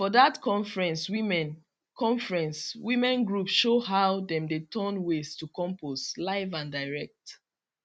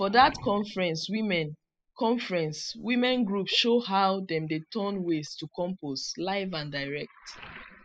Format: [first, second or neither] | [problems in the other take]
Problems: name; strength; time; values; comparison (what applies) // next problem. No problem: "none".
first | noise reduction (classical method spectral subtraction)